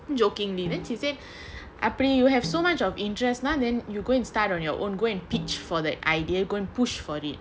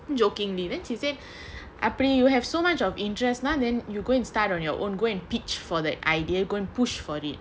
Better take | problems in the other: second | background sound (Snare drum); 15 dB below the speech

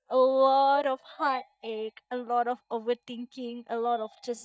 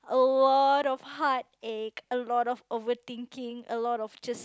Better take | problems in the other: second | noise reduction (neural mask model DeepFilterNet 3)

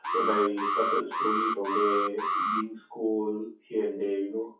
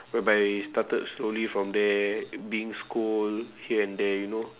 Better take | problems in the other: second | noise reduction (classical method WPE with log-MMSE)

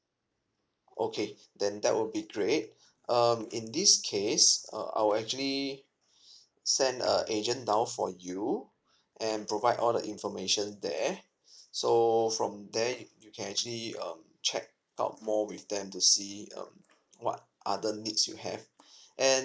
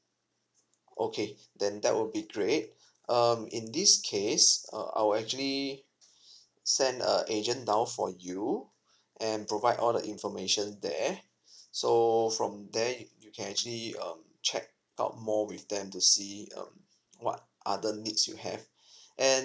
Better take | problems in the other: second | noise reduction (neural mask model Resemble Enhance denoiser)

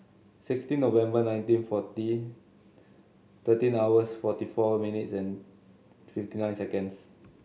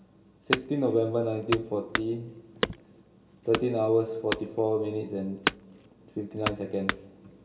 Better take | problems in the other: first | background sound (Wood / Domestic sounds, home sounds); 6 dB below the speech // room echo; dies away in 2.8 s

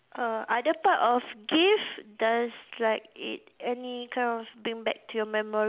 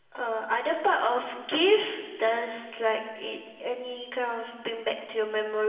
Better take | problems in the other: first | room echo; dies away in 2.6 s

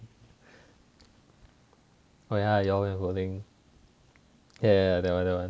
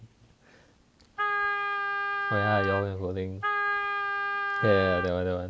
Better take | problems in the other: first | background sound (Wind instrument, woodwind instrument); 1 dB above the speech

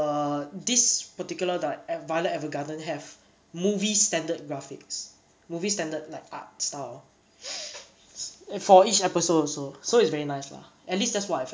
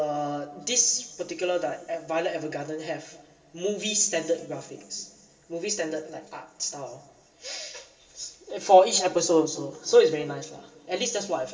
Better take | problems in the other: first | room echo; dies away in 2.9 s

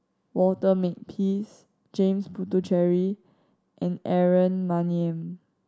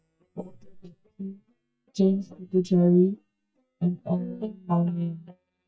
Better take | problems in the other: first | noise reduction (neural mask model DeepFilterNet 3)

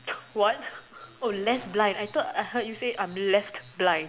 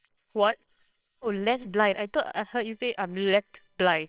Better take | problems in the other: first | noise reduction (neural separator model SepFormer WHAMR!)

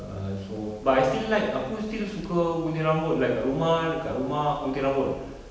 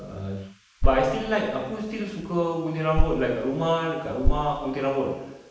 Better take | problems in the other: first | noise reduction (neural mask model Resemble Enhance denoiser)

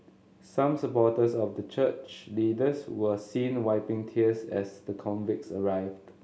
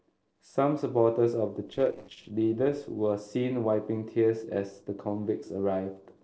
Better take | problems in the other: first | noise reduction (neural separator model SepFormer DNS4)

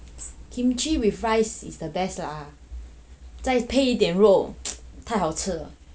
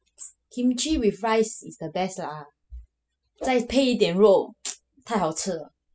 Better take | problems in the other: first | noise reduction (classical method spectral subtraction)

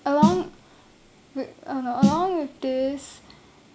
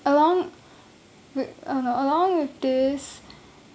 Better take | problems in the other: second | background sound (Snare drum); as loud as the speech

